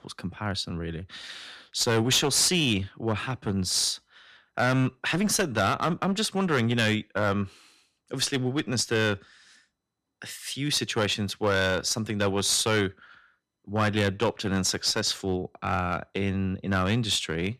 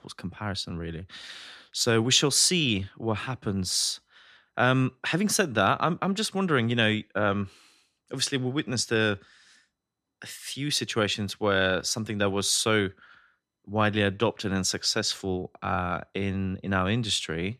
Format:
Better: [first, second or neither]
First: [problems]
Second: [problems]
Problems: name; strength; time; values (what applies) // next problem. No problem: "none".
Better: second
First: distortion; slight; 4% of the sound clipped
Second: none